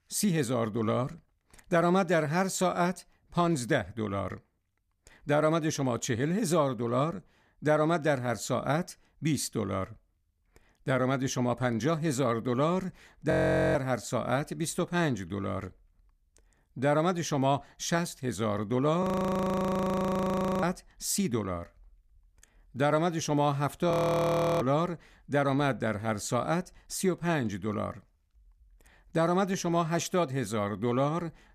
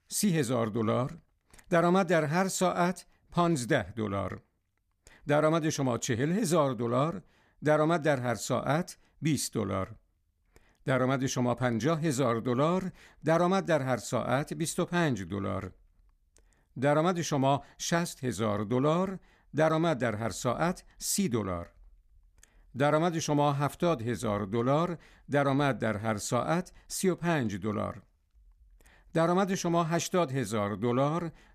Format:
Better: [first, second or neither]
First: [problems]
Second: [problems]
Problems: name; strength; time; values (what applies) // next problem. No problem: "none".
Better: second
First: audio freezing; at 13 s, at 19 s for 1.5 s and at 24 s for 0.5 s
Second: none